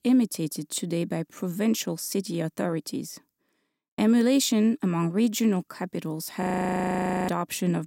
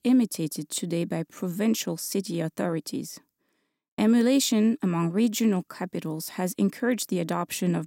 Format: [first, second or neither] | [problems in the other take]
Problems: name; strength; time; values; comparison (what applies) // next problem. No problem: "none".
second | audio freezing; at 6.5 s for 1 s